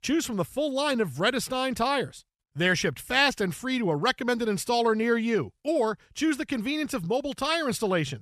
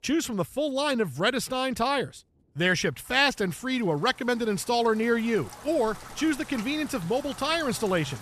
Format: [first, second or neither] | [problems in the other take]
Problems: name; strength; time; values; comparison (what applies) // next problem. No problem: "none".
first | rain or running water; noticeable; throughout; 20 dB below the speech